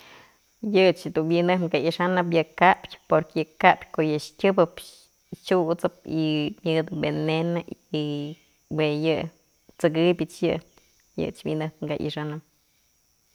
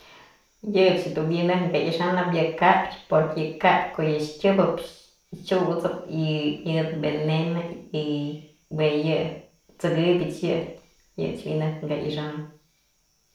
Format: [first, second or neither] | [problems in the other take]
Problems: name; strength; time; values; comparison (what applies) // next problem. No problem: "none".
first | room echo; dies away in 0.5 s